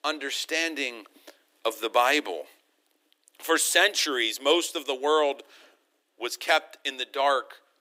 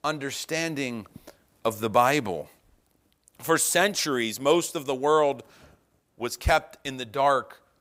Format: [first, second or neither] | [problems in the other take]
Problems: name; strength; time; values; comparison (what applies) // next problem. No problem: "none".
second | thin; somewhat; fading below 300 Hz